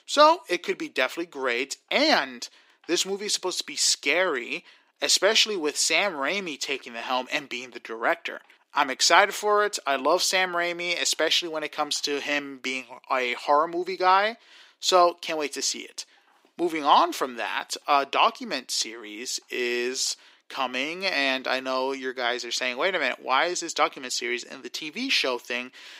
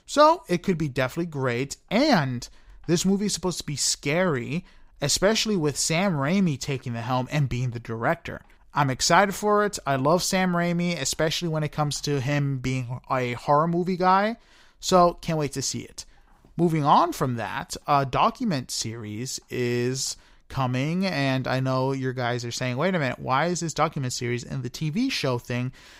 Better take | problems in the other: second | thin; somewhat; fading below 300 Hz

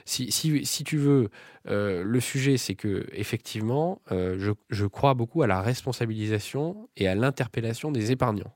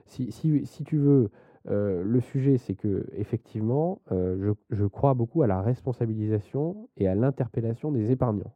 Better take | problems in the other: first | muffled; very; fading above 1.5 kHz

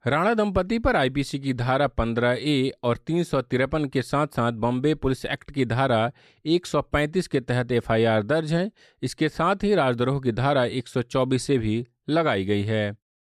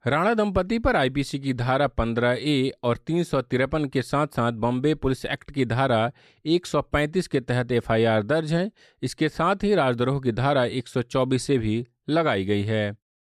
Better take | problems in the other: neither | none

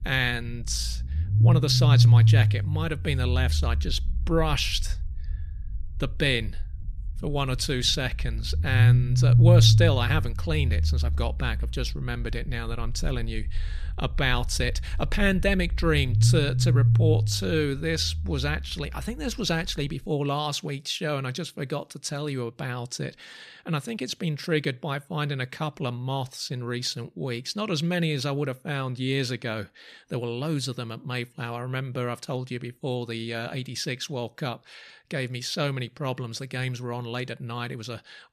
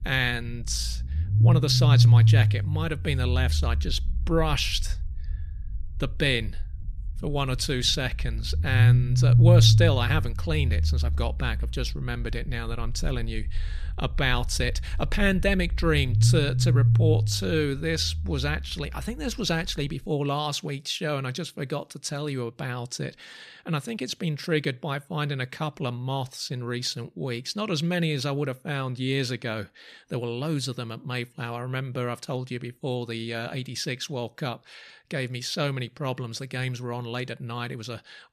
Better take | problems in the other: neither | low rumble; loud; until 20 s; 5 dB below the speech; the same in both

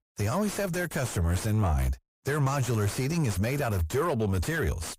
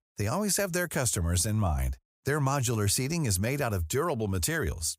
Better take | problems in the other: second | distortion; heavy; 6 dB below the speech

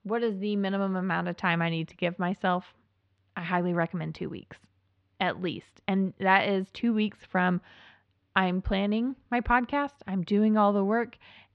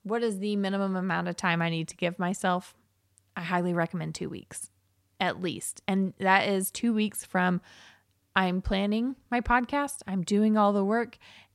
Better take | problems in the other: second | muffled; slightly; fading above 3.5 kHz

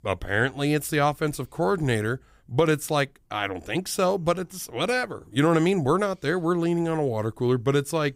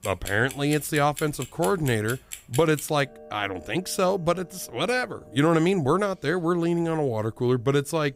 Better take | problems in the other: first | household noises; noticeable; throughout; 15 dB below the speech

